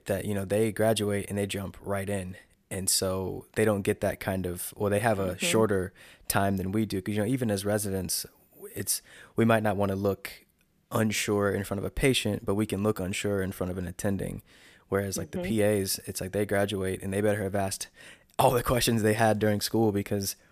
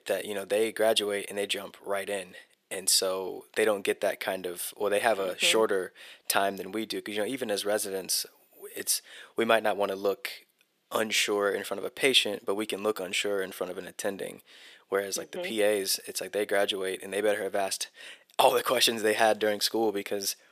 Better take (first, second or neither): first